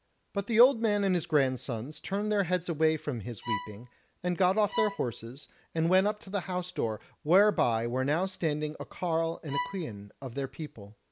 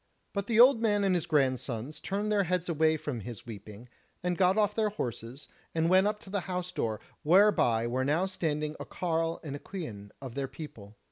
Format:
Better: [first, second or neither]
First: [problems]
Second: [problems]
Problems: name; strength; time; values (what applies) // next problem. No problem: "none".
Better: second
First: background sound (Bowed string instrument); 9 dB below the speech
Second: none